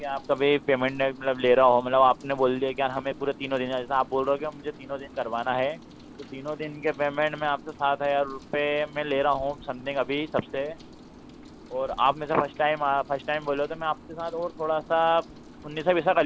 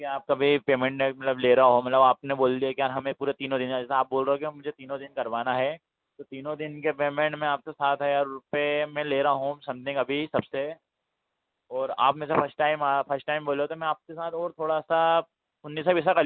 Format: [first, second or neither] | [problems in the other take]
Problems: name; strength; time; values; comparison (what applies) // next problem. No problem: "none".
second | background sound (Rain); 19 dB below the speech